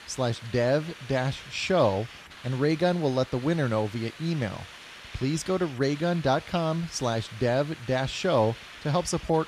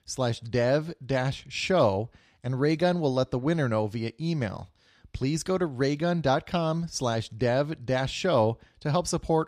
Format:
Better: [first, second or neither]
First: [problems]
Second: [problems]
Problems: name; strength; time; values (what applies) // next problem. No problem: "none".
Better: second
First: hiss; noticeable; throughout; 15 dB below the speech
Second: none